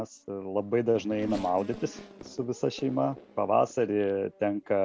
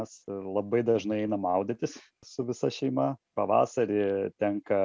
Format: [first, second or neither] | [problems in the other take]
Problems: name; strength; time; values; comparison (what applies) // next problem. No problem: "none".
second | background sound (Race car, auto racing / Accelerating, revving, vroom); 18 dB below the speech